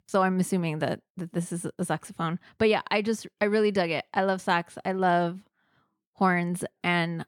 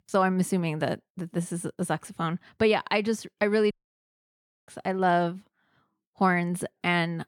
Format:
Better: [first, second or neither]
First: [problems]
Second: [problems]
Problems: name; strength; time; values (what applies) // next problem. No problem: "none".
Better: first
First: none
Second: audio cutting out; at 3.5 s for 1 s